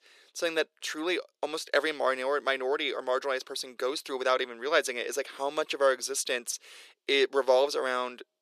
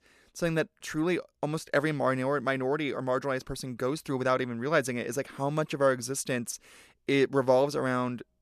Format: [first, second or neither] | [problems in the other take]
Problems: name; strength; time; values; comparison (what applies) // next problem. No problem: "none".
second | thin; somewhat; fading below 400 Hz